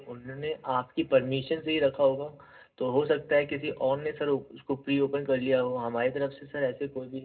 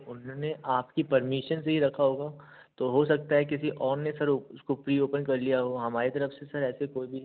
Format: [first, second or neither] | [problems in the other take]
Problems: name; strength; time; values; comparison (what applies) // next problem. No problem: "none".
second | room echo; dies away in 0.2 s